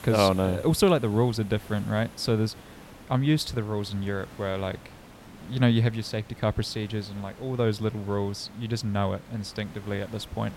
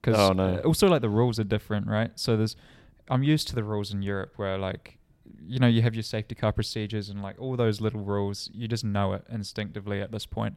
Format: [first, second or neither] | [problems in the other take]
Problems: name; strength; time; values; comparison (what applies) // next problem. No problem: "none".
second | hiss; faint; throughout; 20 dB below the speech